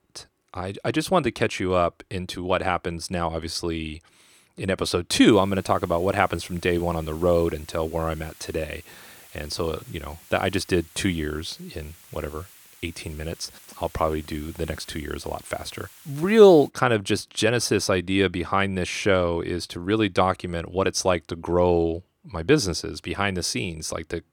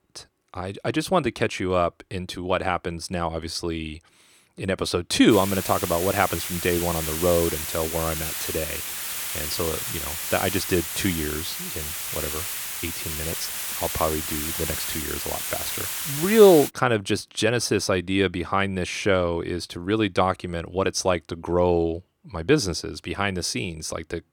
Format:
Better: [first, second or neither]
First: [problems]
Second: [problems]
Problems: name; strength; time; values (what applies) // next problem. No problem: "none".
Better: first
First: hiss; faint; from 5.5 to 17 s; 25 dB below the speech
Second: hiss; loud; from 5.5 to 17 s; 3 dB below the speech